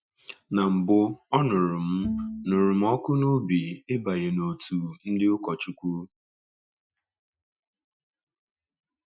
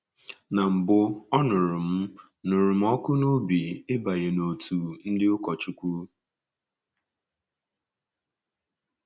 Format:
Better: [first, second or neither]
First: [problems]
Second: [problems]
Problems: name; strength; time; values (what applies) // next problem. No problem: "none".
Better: second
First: noise reduction (classical method Wiener filter)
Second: none